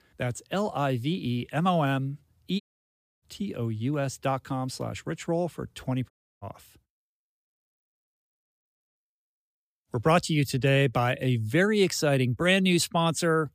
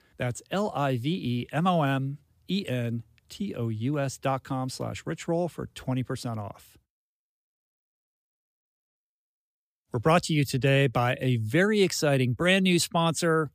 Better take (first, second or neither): second